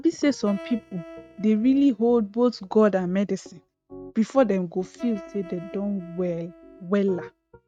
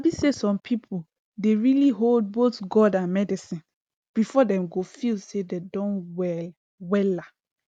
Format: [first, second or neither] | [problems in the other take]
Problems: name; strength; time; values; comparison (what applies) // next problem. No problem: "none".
second | noise reduction (neural mask model RNNoise)